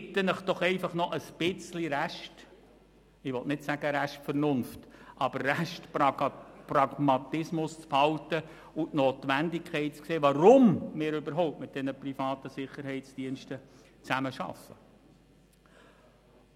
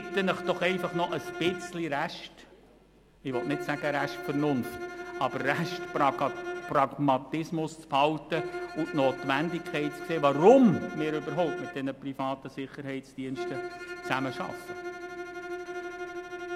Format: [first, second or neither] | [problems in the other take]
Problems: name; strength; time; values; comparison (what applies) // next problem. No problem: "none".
first | background sound (Bowed string instrument); 10 dB below the speech